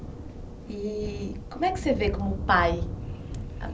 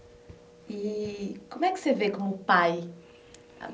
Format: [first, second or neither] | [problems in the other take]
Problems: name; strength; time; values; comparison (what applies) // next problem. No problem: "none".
second | background sound (Thunder); 5 dB below the speech